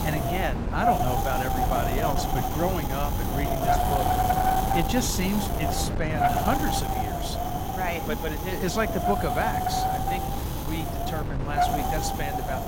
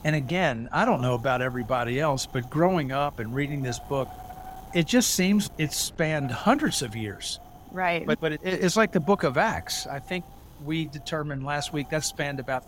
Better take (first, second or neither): second